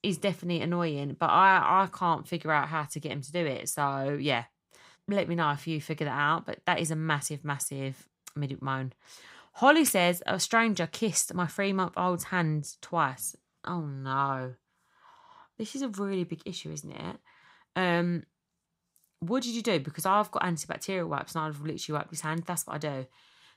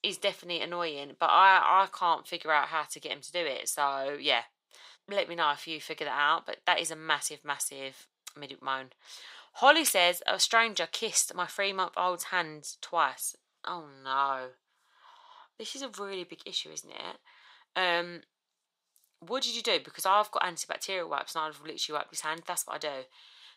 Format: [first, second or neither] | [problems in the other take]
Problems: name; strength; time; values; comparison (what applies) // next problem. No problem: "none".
first | thin; very; fading below 550 Hz